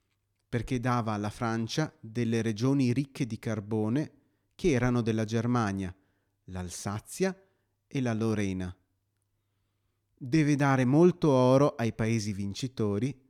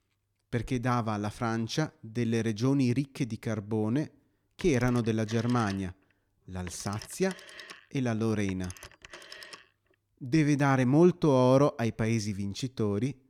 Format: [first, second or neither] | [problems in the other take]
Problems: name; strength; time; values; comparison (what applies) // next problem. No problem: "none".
first | phone ringing; faint; from 4.5 to 9.5 s; peak 15 dB below the speech